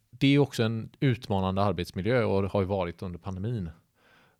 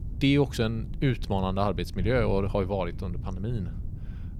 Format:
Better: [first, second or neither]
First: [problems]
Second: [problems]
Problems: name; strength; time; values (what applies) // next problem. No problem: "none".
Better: first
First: none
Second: wind noise on the microphone; occasional gusts; 20 dB below the speech